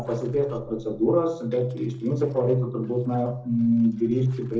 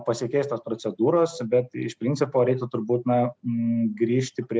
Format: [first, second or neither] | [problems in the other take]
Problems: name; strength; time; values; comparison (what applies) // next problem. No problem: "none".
second | noise reduction (neural separator model SepFormer DNS4)